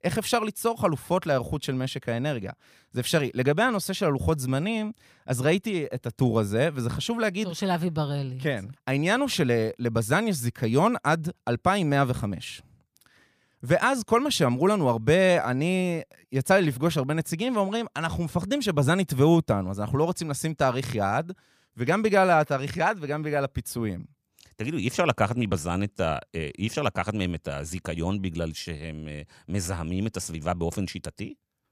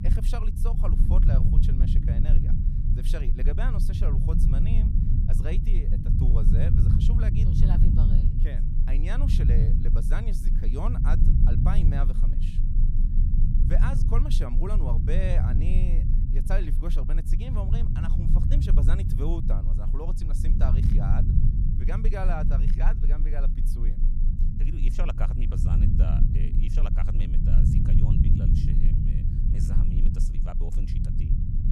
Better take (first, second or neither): first